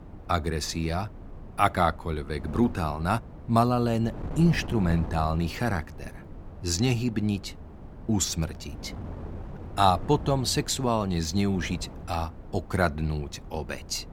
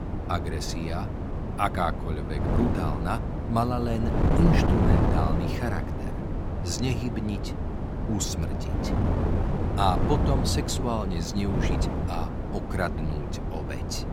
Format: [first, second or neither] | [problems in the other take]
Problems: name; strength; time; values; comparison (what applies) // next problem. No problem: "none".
first | wind noise on the microphone; heavy; 3 dB below the speech; occasional gusts in the first